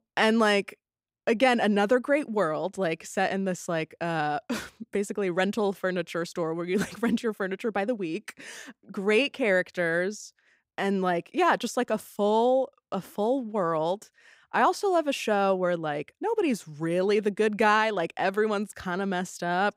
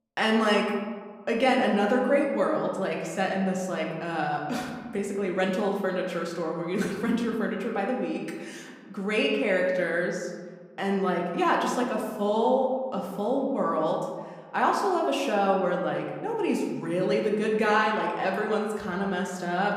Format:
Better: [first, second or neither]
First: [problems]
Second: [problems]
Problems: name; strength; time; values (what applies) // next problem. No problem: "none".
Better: first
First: none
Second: room echo; noticeable; dies away in 1.3 s // off-mic speech; somewhat distant